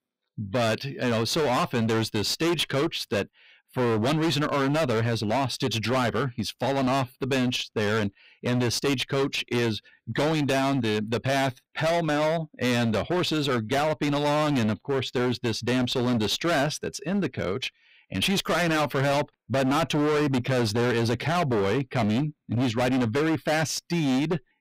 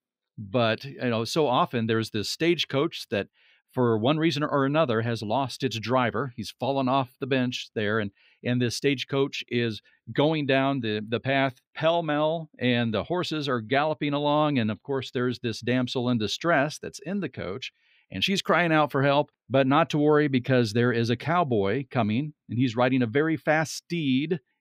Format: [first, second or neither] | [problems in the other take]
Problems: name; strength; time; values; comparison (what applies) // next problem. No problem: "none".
second | distortion; heavy; 27% of the sound clipped